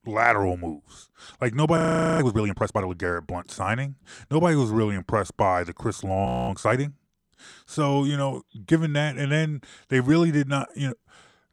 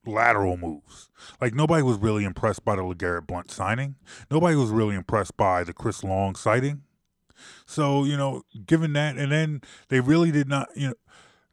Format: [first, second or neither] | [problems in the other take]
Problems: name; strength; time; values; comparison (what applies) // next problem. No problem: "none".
second | audio freezing; at 2 s and at 6.5 s